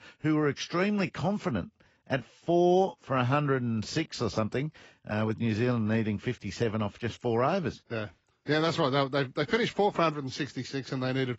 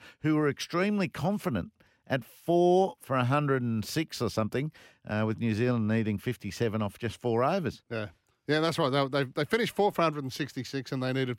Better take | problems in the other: second | garbled, watery; badly; nothing above 7.5 kHz

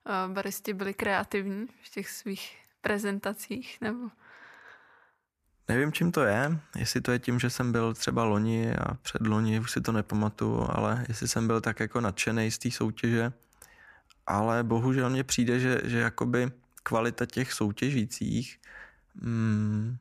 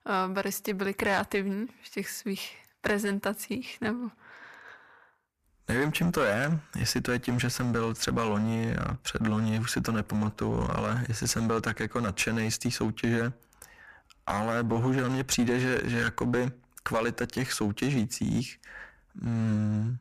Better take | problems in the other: first | distortion; heavy; 7% of the sound clipped

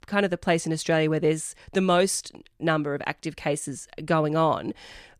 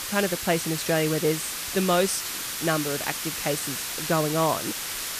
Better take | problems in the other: first | hiss; loud; throughout; 3 dB below the speech

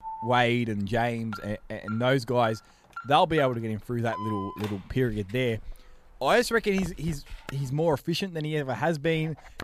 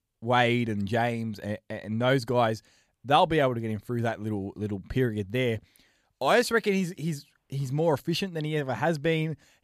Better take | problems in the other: second | alarm; noticeable; peak 8 dB below the speech

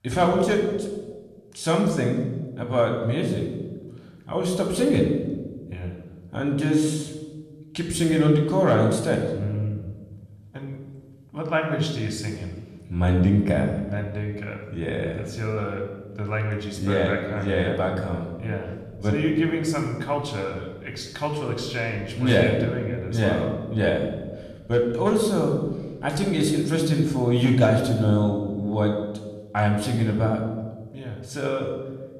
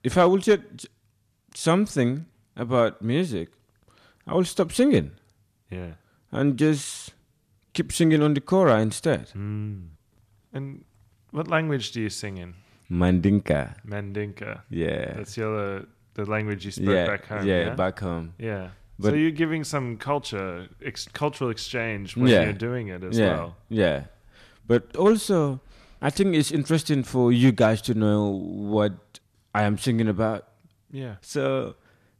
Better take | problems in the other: second | room echo; noticeable; dies away in 1.1 s // off-mic speech; somewhat distant

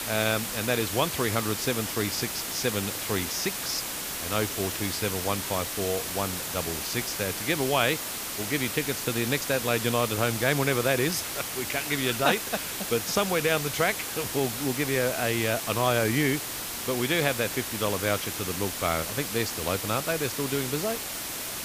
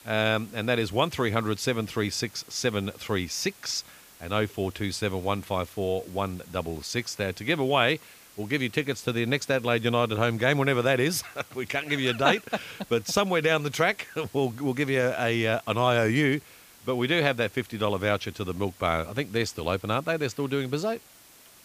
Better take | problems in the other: second | hiss; loud; throughout; 3 dB below the speech; faint in the second

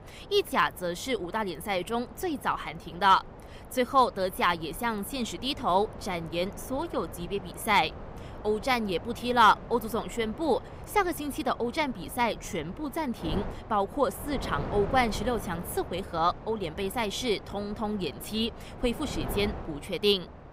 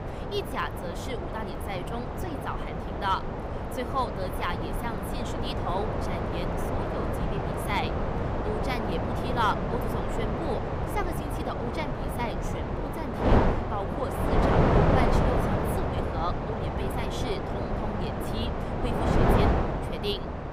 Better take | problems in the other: first | wind noise on the microphone; heavy; 3 dB above the speech; occasional gusts in the first

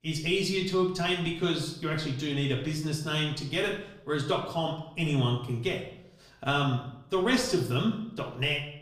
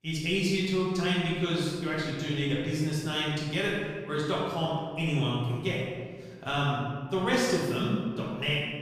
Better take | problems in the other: first | room echo; strong; dies away in 1.5 s; slight in the first // off-mic speech; far; far in the first

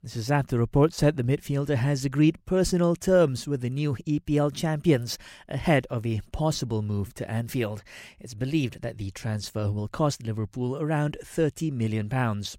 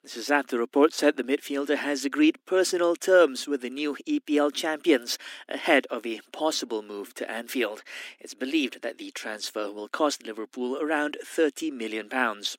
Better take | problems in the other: first | thin; somewhat; fading below 250 Hz

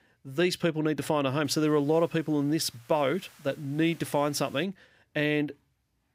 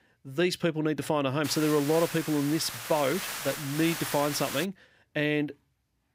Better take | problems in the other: first | hiss; loud; from 1.5 to 4.5 s; 7 dB below the speech; faint in the first

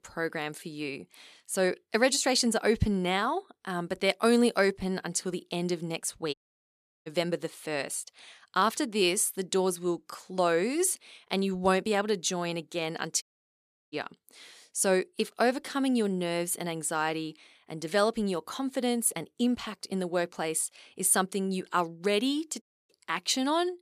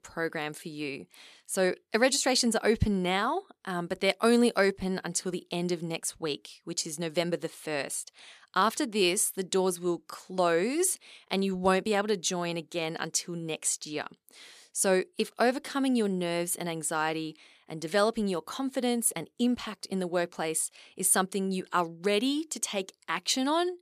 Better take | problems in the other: second | audio cutting out; at 6.5 s for 0.5 s, at 13 s for 0.5 s and at 23 s

